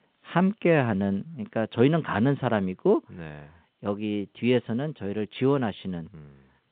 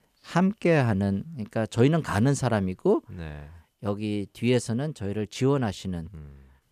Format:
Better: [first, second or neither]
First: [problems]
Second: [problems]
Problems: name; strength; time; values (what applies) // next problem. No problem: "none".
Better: second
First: phone-call audio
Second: none